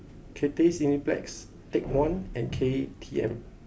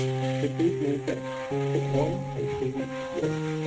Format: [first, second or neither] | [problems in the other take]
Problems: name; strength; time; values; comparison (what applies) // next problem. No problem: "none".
first | noise reduction (neural mask model RNNoise)